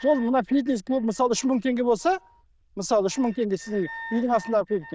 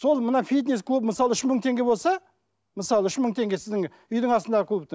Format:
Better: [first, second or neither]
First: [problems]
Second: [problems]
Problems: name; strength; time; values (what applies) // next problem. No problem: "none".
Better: second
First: noise reduction (neural diffusion model UNIVERSE++)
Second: none